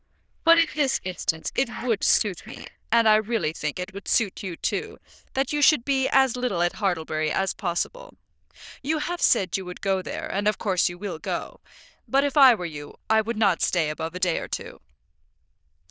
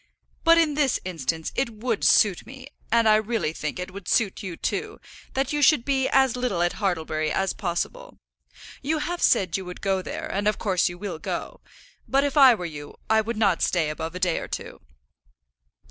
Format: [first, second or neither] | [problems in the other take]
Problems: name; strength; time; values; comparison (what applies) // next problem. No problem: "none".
second | noise reduction (neural diffusion model UNIVERSE++)